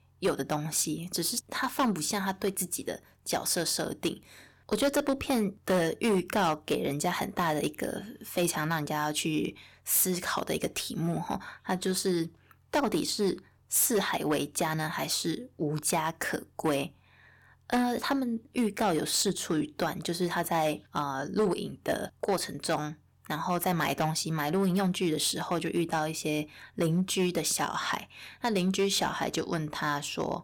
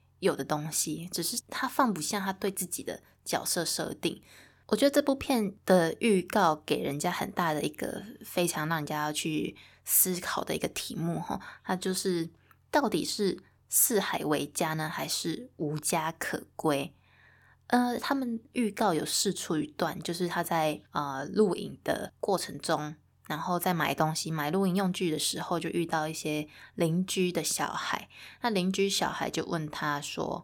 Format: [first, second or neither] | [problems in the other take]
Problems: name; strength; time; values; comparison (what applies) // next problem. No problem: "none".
second | distortion; slight; 4% of the sound clipped